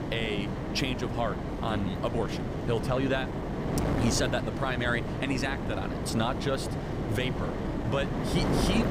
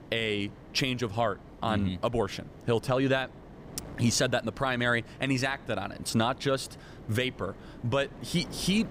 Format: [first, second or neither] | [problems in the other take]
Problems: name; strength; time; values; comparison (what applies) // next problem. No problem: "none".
second | wind noise on the microphone; heavy; 3 dB below the speech; occasional gusts in the second